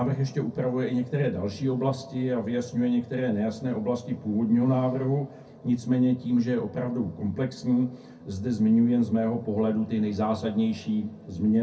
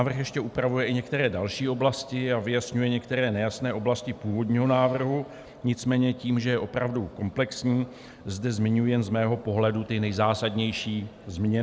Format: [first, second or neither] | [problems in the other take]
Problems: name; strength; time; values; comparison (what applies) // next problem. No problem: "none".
second | room echo; dies away in 0.3 s